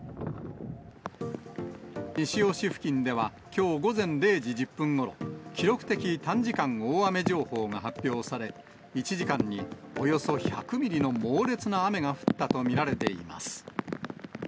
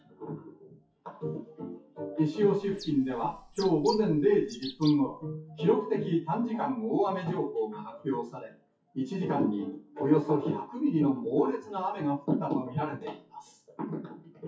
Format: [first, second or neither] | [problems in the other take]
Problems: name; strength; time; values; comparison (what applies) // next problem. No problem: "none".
first | noise reduction (classical method WPE with log-MMSE)